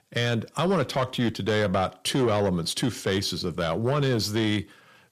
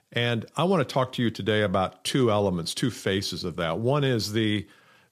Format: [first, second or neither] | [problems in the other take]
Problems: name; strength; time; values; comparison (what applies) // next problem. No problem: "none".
second | distortion; slight; 10 dB below the speech